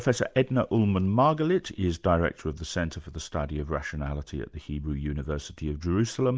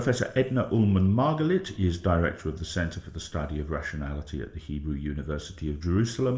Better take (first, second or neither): first